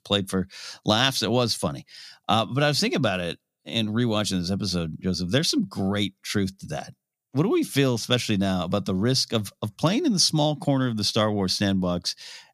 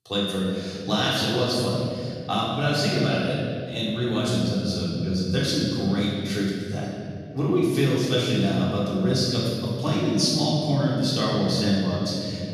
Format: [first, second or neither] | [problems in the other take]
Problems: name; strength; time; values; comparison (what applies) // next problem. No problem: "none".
first | room echo; strong; dies away in 2.8 s // off-mic speech; far